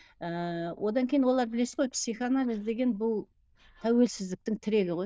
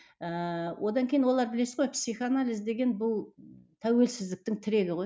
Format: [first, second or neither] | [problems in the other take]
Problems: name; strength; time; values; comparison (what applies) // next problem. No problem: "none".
second | noise reduction (neural diffusion model UNIVERSE++)